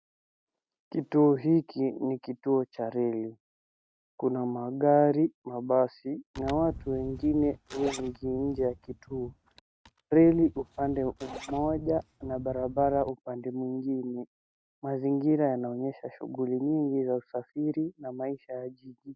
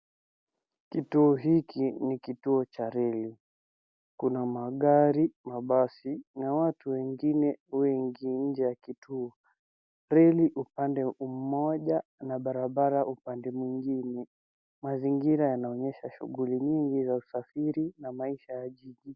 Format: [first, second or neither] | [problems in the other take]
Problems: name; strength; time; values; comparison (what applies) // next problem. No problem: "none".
second | noise reduction (neural mask model RNNoise)